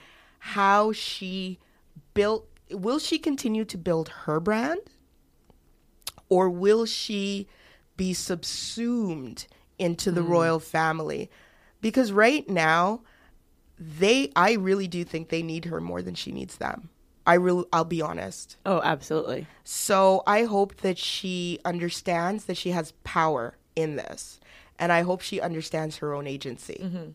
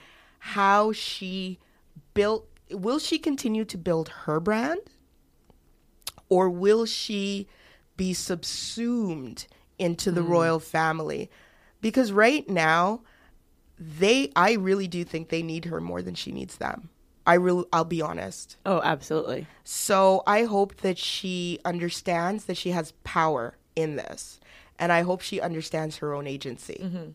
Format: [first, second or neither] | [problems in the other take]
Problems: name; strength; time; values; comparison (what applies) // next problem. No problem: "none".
neither | none